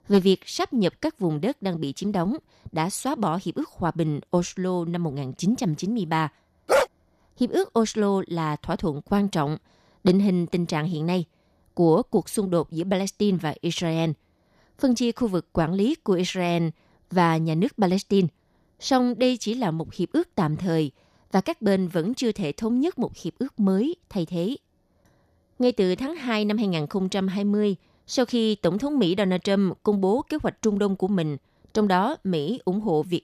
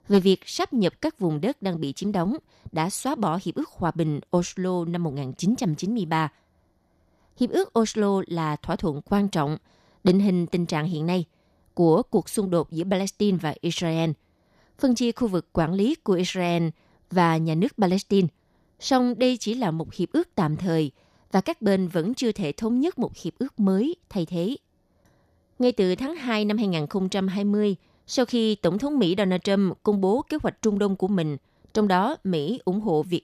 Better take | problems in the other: second | dog barking; loud; at 6.5 s; peak 3 dB above the speech

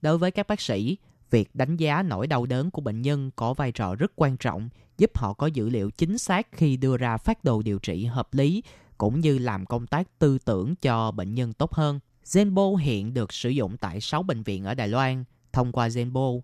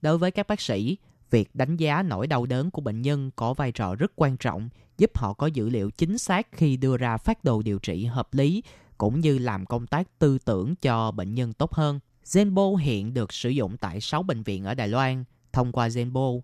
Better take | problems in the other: neither | none

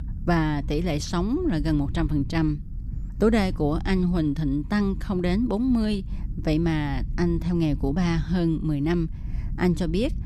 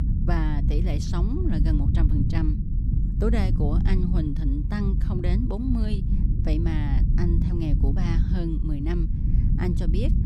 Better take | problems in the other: first | low rumble; loud; throughout; 4 dB below the speech; faint in the first

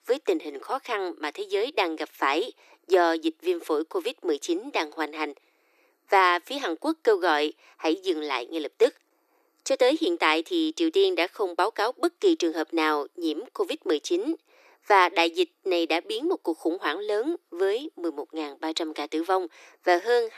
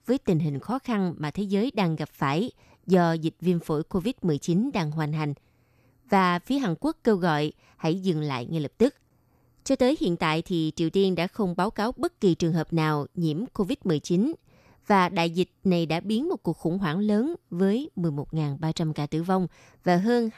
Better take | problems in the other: second | thin; very; fading below 300 Hz

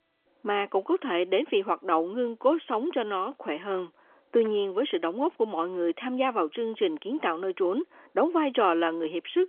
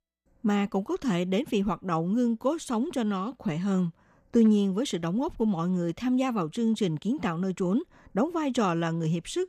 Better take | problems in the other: second | phone-call audio; nothing above 3.5 kHz

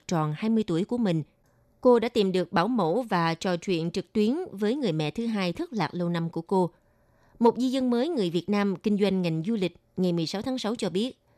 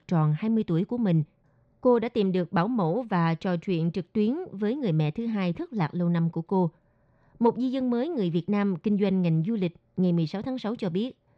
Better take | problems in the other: first | muffled; slightly; fading above 3 kHz

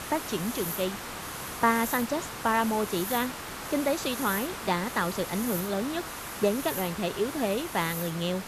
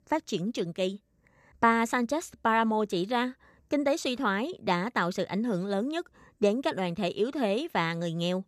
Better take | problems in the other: second | hiss; loud; throughout; 6 dB below the speech

